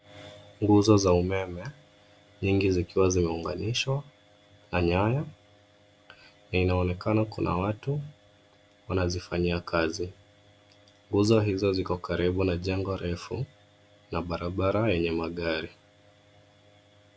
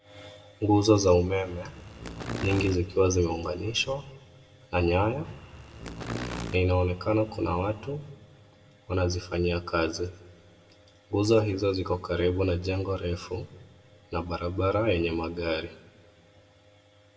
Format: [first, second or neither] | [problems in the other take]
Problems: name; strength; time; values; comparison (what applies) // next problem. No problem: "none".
first | background sound (Insect); 11 dB below the speech // room echo; dies away in 0.7 s